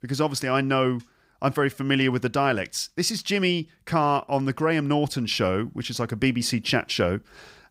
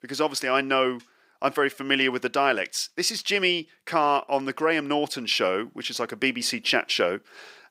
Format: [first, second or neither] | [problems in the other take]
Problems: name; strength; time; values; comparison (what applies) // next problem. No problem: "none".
first | thin; somewhat; fading below 400 Hz